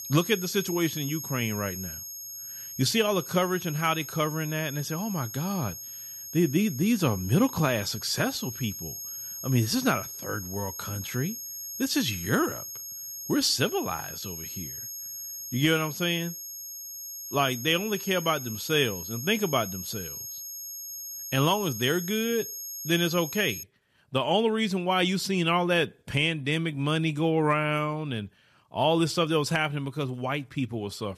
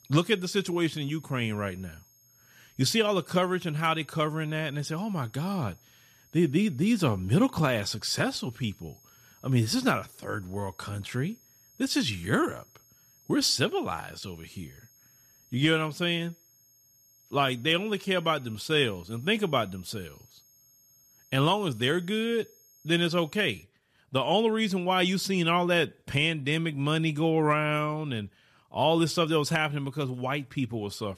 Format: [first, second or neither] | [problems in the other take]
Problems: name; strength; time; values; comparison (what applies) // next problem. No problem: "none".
second | high-pitched whine; loud; until 24 s; 6.5 kHz, 9 dB below the speech; faint in the second